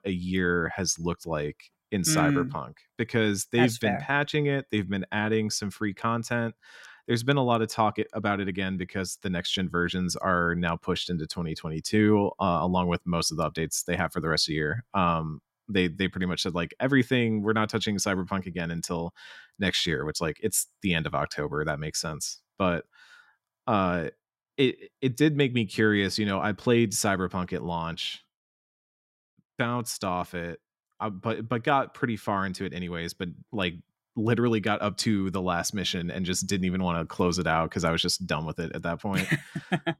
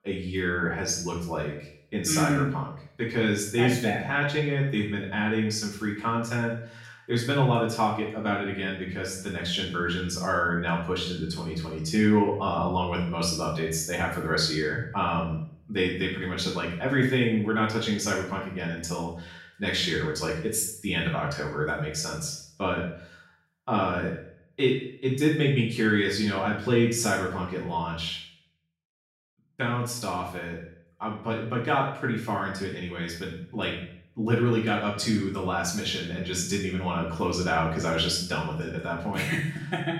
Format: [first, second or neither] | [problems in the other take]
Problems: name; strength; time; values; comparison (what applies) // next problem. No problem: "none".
first | room echo; noticeable; dies away in 0.6 s // off-mic speech; far